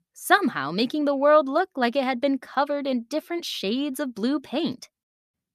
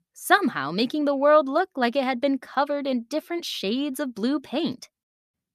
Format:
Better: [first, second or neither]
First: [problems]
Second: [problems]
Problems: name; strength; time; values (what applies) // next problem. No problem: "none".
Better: neither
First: none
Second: none